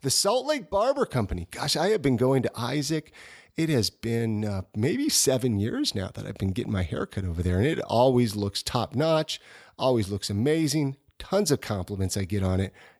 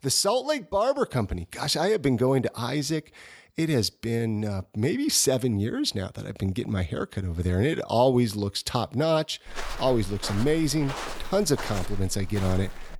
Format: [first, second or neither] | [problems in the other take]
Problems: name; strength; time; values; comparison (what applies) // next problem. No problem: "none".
first | footsteps; noticeable; from 9.5 s on; peak 8 dB below the speech